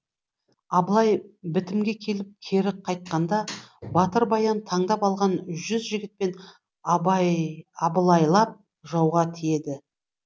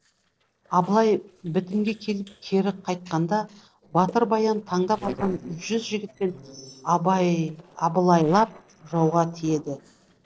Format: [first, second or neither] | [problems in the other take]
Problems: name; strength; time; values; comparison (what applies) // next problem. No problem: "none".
first | noise reduction (neural separator model SepFormer DNS4)